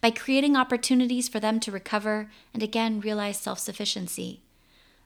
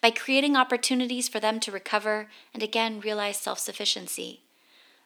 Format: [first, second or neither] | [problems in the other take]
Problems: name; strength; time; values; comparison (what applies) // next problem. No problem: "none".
first | thin; very slightly; fading below 300 Hz